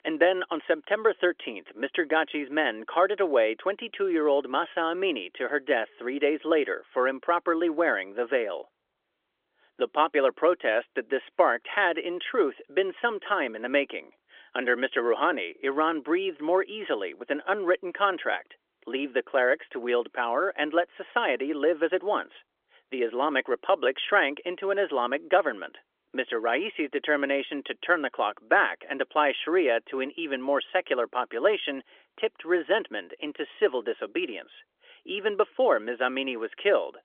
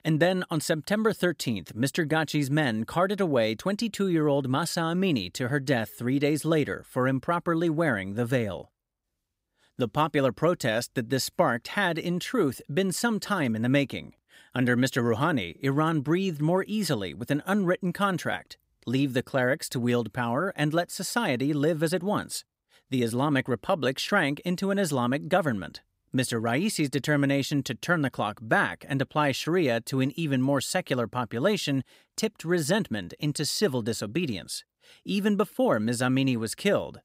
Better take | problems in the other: second | phone-call audio; nothing above 3.5 kHz

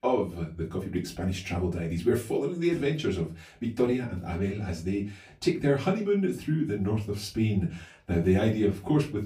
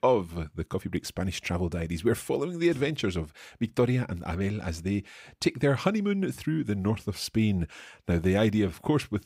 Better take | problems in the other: second | off-mic speech; far // room echo; very slight; dies away in 0.2 s

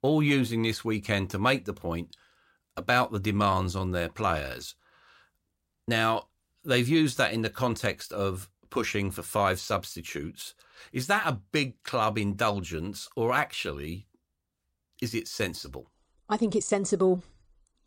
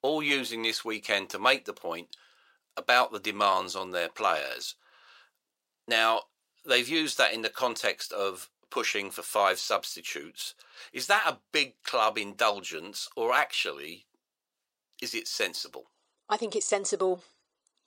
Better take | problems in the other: first | thin; very; fading below 550 Hz

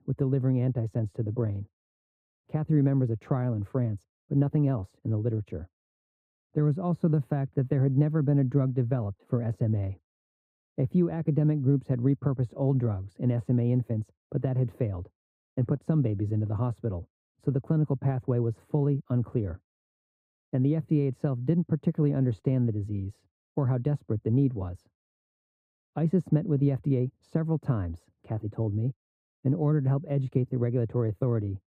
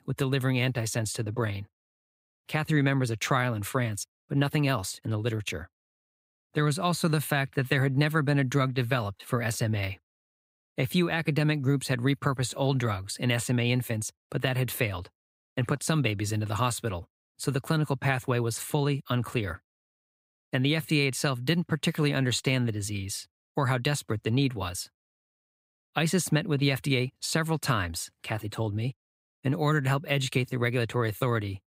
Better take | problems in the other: second | muffled; very; fading above 1.5 kHz

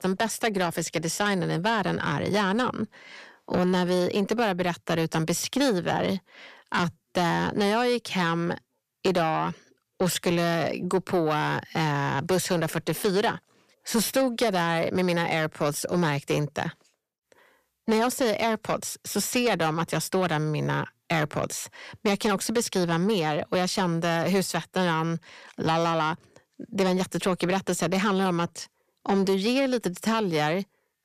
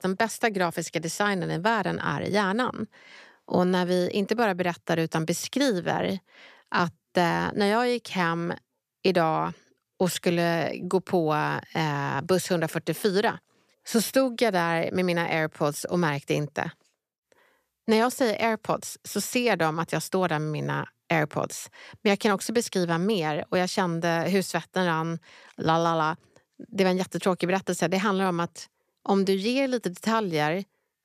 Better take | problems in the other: second | distortion; slight; 10 dB below the speech

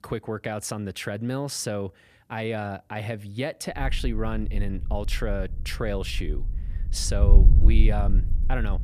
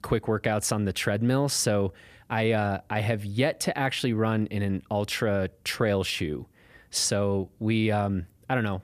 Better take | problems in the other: second | wind noise on the microphone; occasional gusts; from 4 s on; 15 dB below the speech

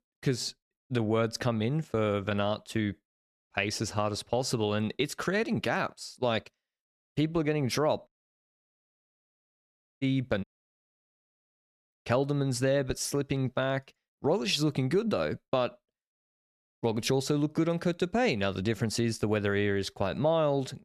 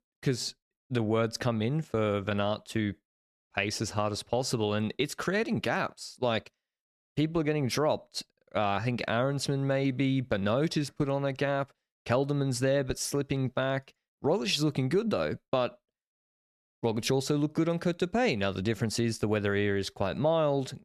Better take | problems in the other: second | audio cutting out; at 8 s for 2 s and at 10 s for 1.5 s

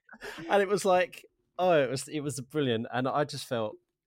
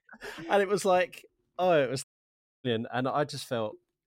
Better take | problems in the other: first | audio cutting out; at 2 s for 0.5 s

